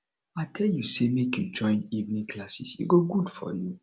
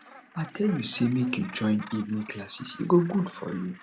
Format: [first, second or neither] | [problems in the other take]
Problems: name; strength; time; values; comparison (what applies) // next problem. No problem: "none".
first | background sound (Gull, seagull); 19 dB below the speech